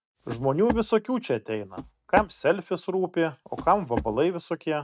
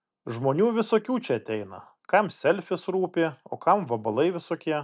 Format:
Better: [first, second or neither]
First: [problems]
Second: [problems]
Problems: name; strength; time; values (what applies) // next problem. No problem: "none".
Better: second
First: noise reduction (neural mask model RNNoise)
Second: none